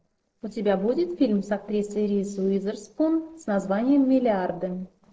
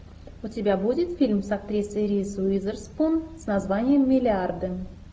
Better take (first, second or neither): second